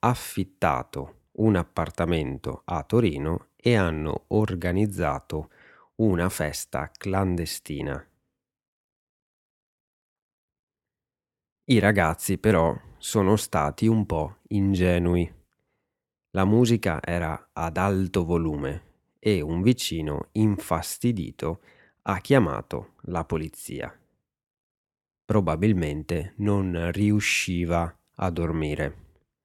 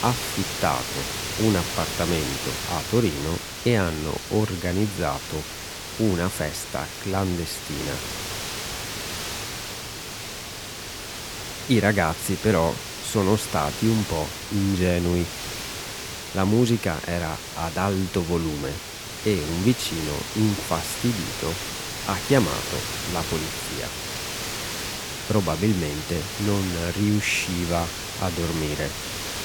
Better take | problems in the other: first | hiss; loud; throughout; 5 dB below the speech

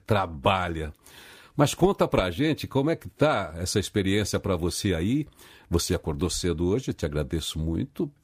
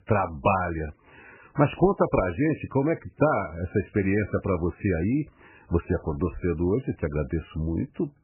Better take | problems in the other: first | garbled, watery; badly; nothing above 2.5 kHz

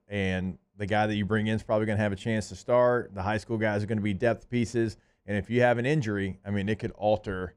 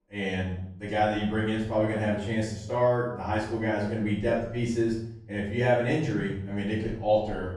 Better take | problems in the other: first | off-mic speech; far // room echo; noticeable; dies away in 0.6 s

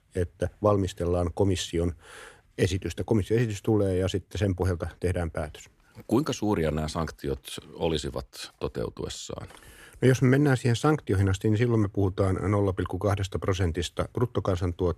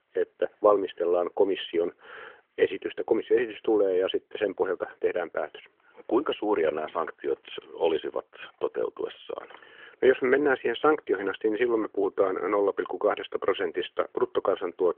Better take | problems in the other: first | phone-call audio; nothing above 3.5 kHz

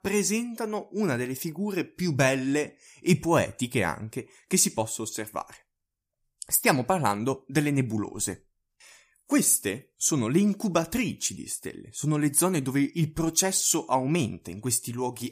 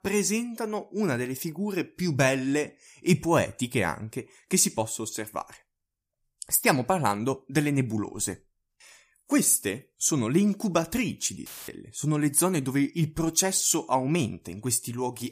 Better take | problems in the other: first | audio cutting out; filled with static; at 11 s

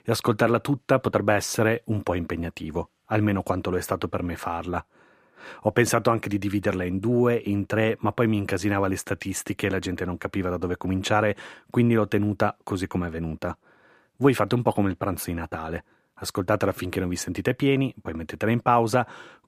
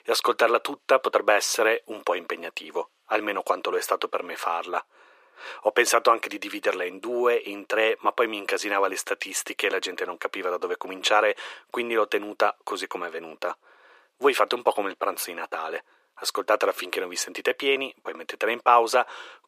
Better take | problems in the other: first | thin; very; fading below 450 Hz

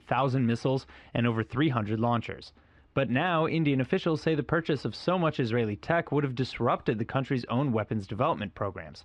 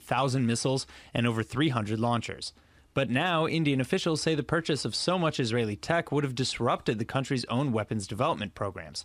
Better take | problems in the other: second | muffled; slightly; fading above 2.5 kHz

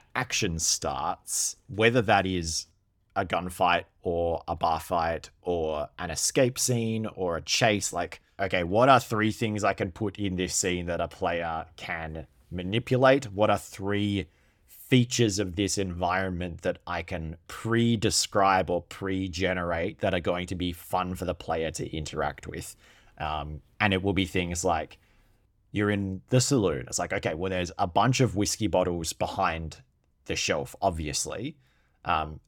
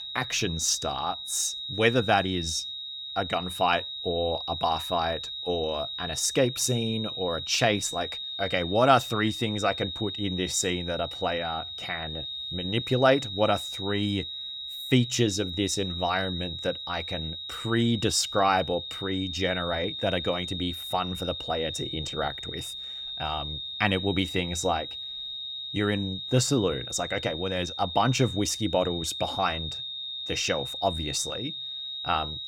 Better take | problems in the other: first | high-pitched whine; loud; throughout; 3.5 kHz, 6 dB below the speech

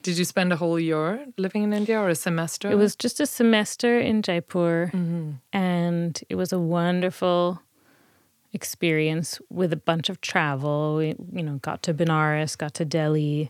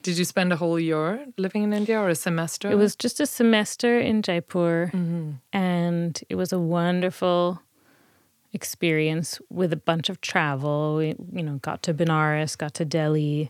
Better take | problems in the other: neither | none

